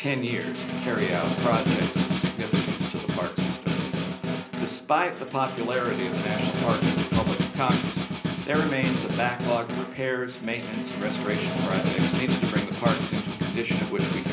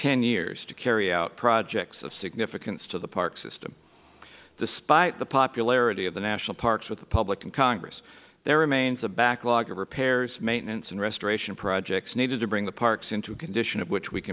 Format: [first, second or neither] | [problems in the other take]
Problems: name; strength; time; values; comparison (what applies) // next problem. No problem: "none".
second | background sound (Snare drum); 2 dB above the speech // room echo; dies away in 0.5 s